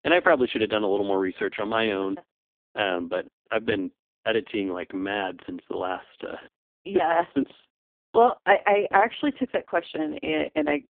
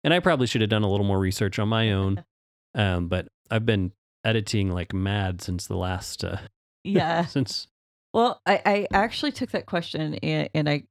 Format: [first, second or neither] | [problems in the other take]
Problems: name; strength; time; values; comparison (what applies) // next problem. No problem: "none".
second | phone-call audio; poor line; nothing above 3.5 kHz